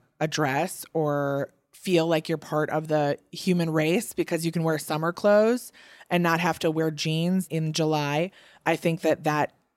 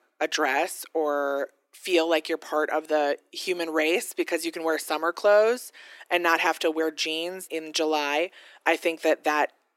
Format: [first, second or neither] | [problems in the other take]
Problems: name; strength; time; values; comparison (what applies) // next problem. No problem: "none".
first | thin; very; fading below 300 Hz